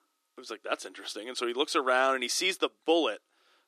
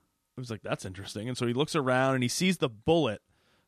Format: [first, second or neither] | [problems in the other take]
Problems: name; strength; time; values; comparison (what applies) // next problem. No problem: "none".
second | thin; very; fading below 300 Hz